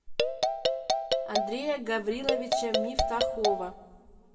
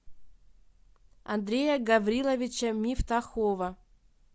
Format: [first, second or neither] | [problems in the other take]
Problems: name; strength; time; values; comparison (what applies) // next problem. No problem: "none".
second | background sound (Marimba, xylophone); 4 dB above the speech // room echo; dies away in 1.1 s